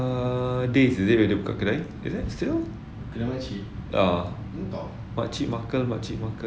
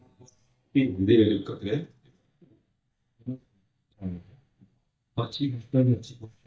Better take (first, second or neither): first